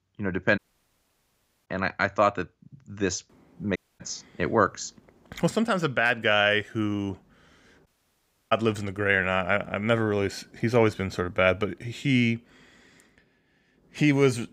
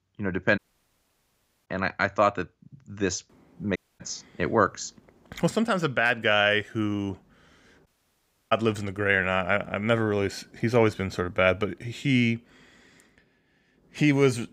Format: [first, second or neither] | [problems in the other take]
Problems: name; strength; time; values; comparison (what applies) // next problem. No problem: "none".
neither | audio cutting out; at 0.5 s for 1 s, at 4 s and at 8 s for 0.5 s; the same in both